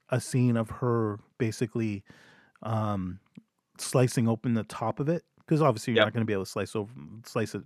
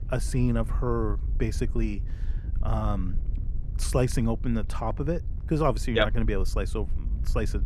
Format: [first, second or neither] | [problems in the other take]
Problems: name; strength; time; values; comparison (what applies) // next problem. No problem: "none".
first | wind noise on the microphone; occasional gusts; 20 dB below the speech